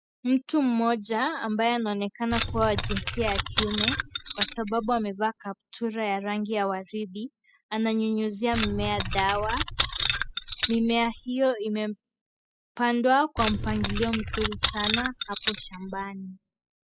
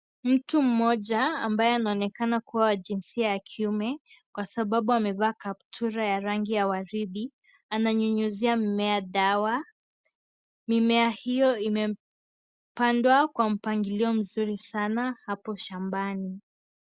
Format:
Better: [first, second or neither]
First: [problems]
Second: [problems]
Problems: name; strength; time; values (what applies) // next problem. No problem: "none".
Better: second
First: noise reduction (classical method spectral subtraction)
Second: none